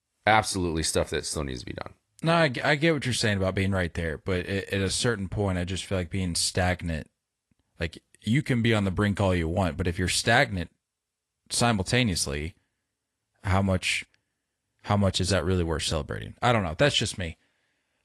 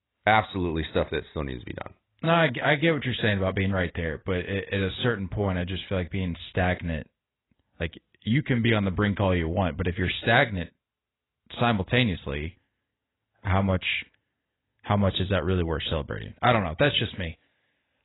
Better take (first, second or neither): first